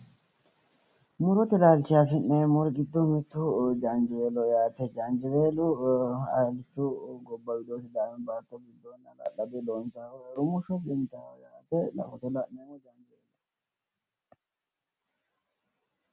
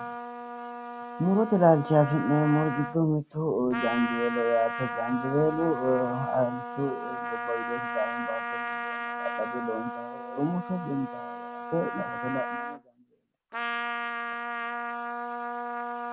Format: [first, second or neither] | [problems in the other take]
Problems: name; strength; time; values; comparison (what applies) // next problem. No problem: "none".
first | background sound (Trumpet); 6 dB below the speech